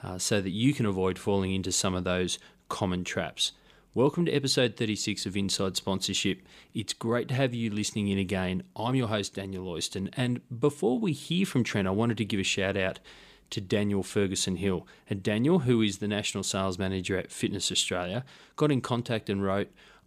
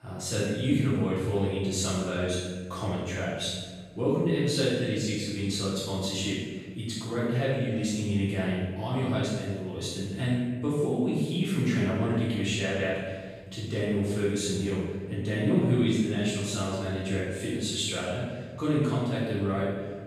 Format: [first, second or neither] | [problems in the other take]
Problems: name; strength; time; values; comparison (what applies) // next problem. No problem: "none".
first | off-mic speech; far // room echo; strong; dies away in 1.5 s